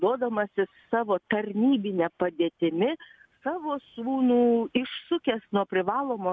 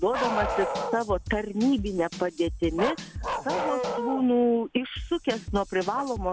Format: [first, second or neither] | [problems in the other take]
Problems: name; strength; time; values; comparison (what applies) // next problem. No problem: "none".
first | background sound (Bark + Drum / Drum kit); 6 dB below the speech